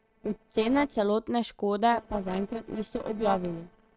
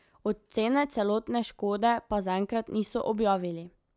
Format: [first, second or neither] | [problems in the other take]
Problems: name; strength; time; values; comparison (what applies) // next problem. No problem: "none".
second | noise reduction (neural separator model SepFormer DNS4)